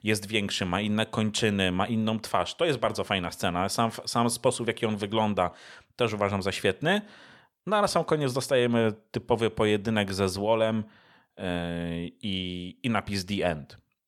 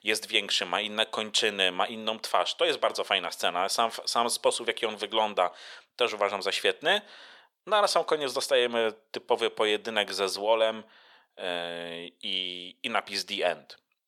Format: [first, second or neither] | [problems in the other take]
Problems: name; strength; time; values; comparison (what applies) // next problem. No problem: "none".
first | thin; very; fading below 500 Hz